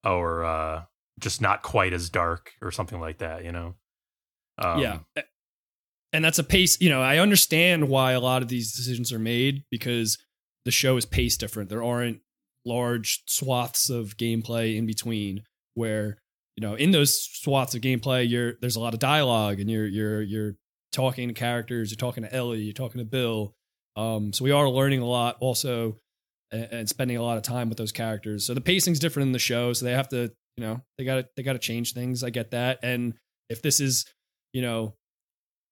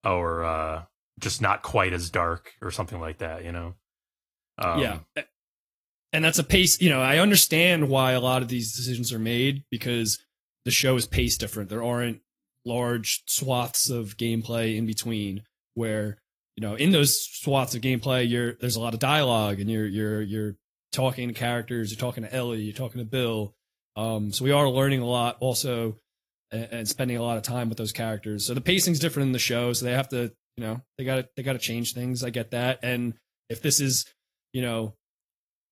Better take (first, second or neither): first